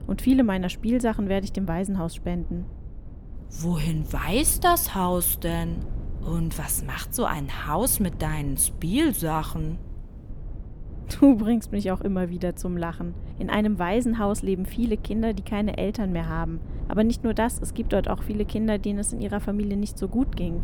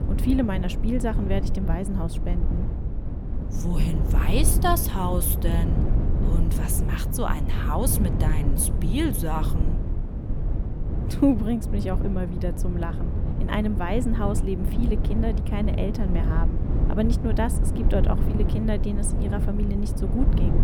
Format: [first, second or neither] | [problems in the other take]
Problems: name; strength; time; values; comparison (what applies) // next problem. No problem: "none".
first | low rumble; loud; throughout; 7 dB below the speech; faint in the first